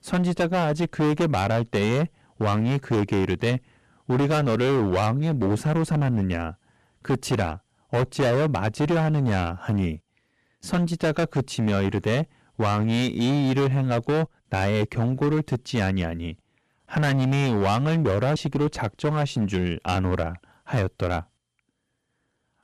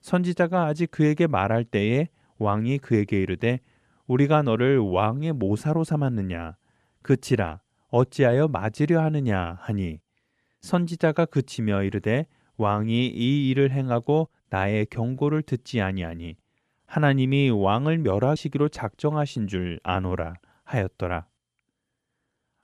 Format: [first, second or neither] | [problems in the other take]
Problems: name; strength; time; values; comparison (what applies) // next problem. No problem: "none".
second | distortion; heavy; 19% of the sound clipped